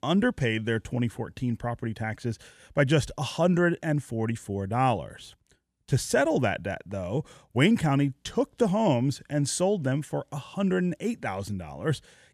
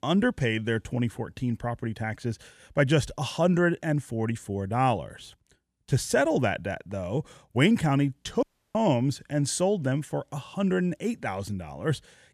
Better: first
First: none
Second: audio cutting out; at 8.5 s

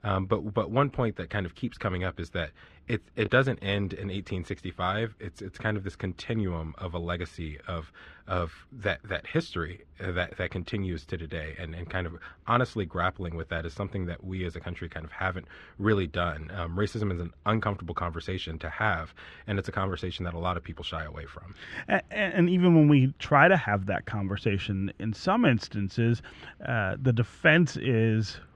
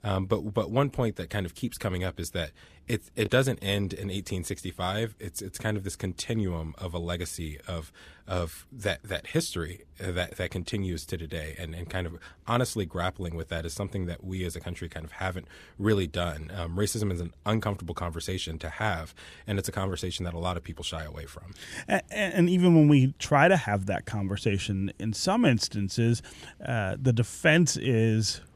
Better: second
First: muffled; slightly; fading above 2.5 kHz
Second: none

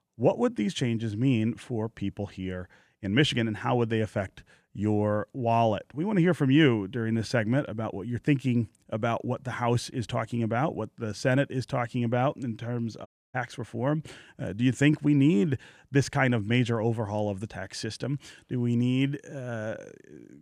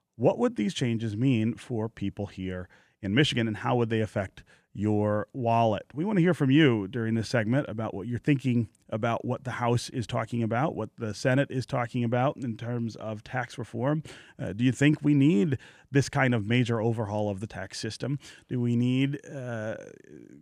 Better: second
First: audio cutting out; at 13 s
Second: none

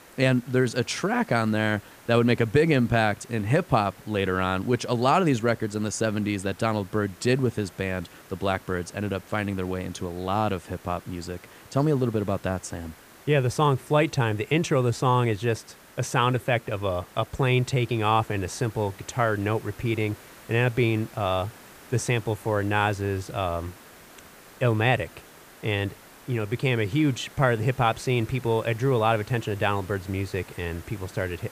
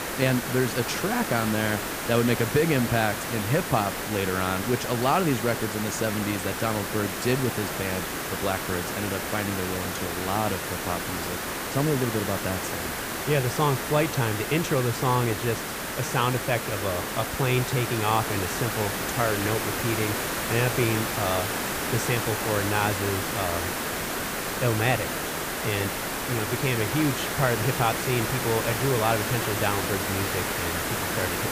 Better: first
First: hiss; faint; throughout; 20 dB below the speech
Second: hiss; loud; throughout; 1 dB below the speech

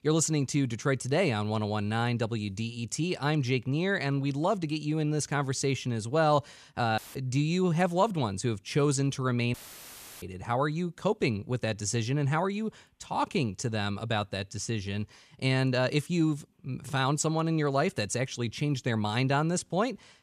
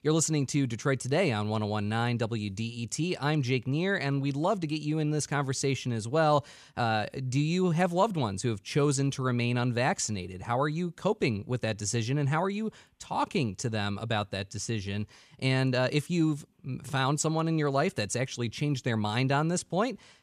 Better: second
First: audio cutting out; filled with static; at 7 s and at 9.5 s for 0.5 s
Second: none

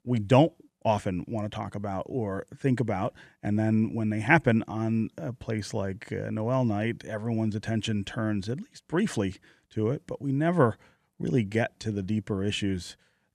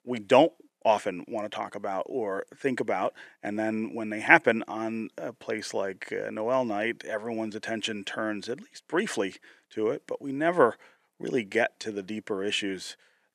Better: first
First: none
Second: thin; somewhat; fading below 400 Hz

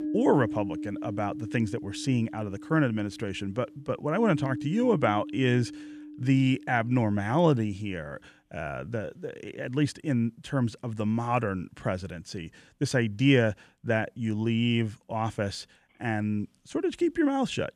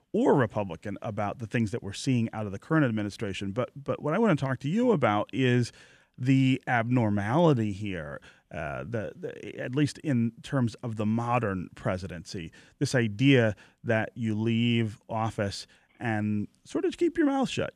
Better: second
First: background music; noticeable; until 8.5 s; 10 dB below the speech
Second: none

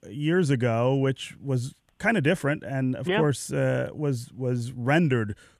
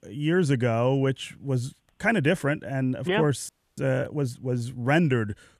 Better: first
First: none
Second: audio freezing; at 3.5 s

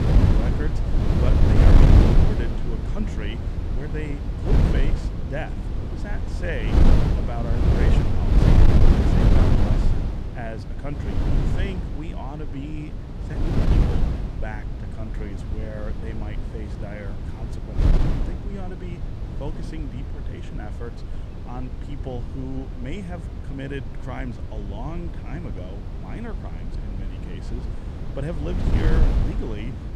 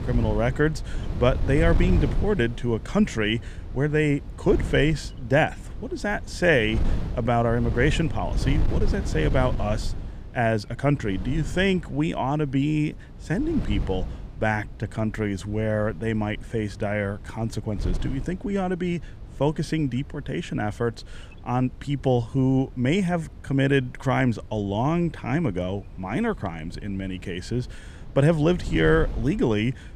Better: second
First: wind noise on the microphone; heavy; 4 dB above the speech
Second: wind noise on the microphone; occasional gusts; 15 dB below the speech

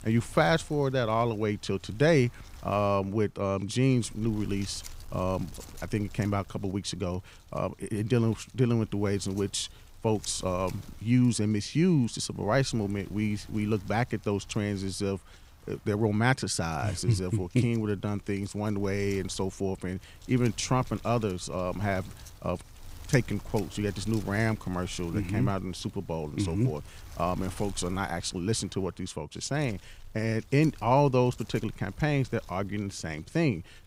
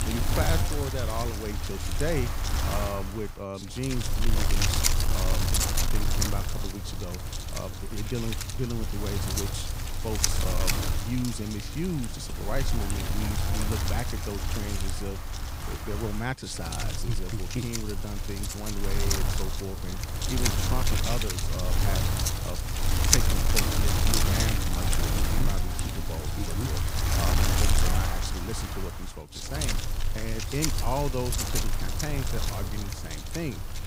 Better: first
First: wind noise on the microphone; occasional gusts; 20 dB below the speech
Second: wind noise on the microphone; heavy; 5 dB above the speech

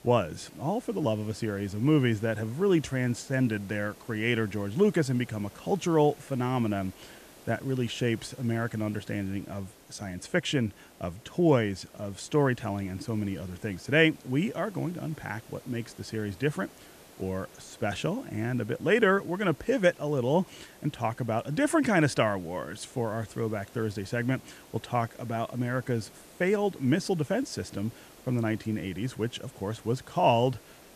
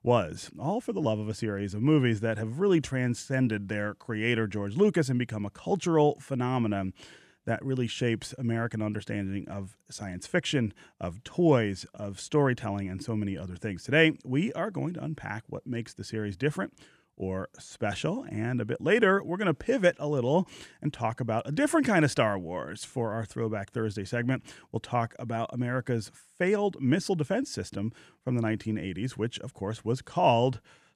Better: second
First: hiss; faint; throughout; 25 dB below the speech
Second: none

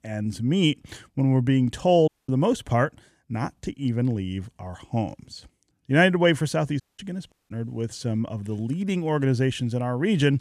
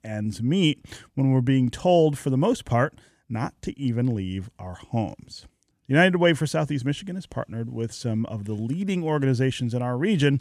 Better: second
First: audio cutting out; at 2 s, at 7 s and at 7.5 s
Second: none

